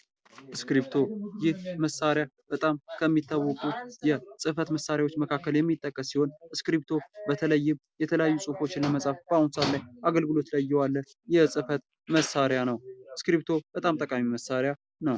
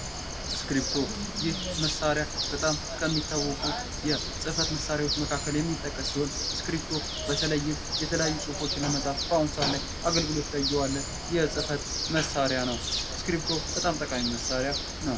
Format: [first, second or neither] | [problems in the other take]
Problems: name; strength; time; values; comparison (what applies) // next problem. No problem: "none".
first | background sound (Bird); 2 dB below the speech // room echo; dies away in 2.1 s